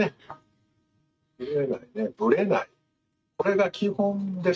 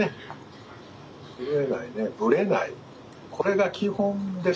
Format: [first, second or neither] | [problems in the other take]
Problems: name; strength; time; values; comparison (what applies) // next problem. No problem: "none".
second | noise reduction (neural mask model RNNoise)